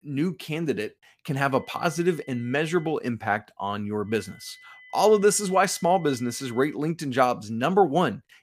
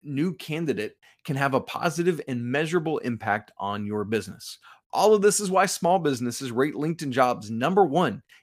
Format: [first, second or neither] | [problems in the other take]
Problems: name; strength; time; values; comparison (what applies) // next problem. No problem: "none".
second | high-pitched whine; faint; from 1.5 to 3 s and from 4 to 6.5 s; 2 kHz, 25 dB below the speech